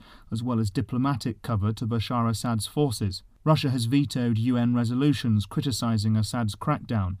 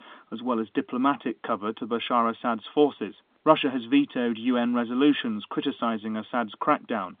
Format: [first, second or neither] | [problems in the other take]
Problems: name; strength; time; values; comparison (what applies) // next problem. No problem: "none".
first | phone-call audio; nothing above 3.5 kHz